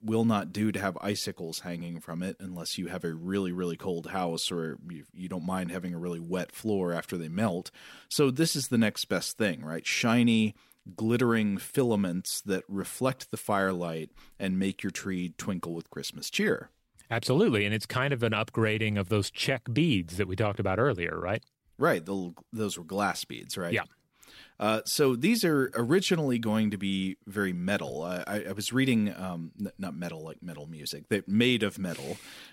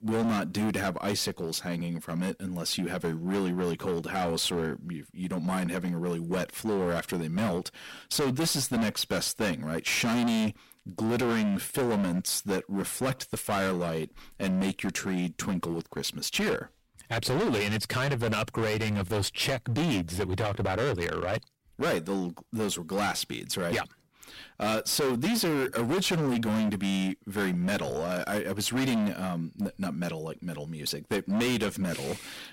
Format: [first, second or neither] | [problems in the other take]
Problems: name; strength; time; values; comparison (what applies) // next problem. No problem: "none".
first | distortion; heavy; 19% of the sound clipped